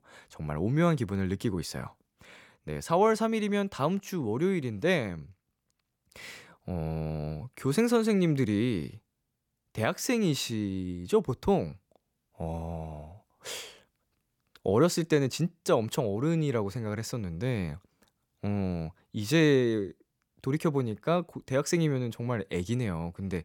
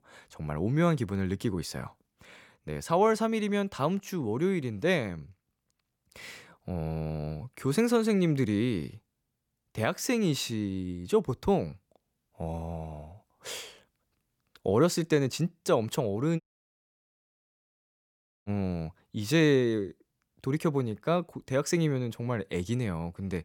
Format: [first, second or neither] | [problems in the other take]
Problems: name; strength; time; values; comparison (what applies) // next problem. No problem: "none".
first | audio cutting out; at 16 s for 2 s